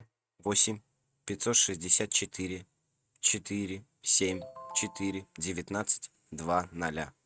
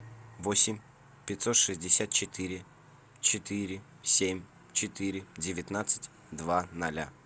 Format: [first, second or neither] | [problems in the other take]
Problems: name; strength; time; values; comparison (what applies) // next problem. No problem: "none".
second | noise reduction (neural mask model RNNoise)